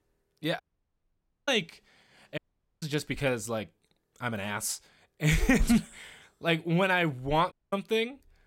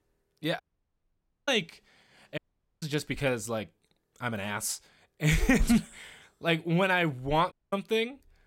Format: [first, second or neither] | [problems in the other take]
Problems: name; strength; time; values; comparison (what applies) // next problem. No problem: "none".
neither | audio cutting out; at 0.5 s for 1 s, at 2.5 s and at 7.5 s; the same in both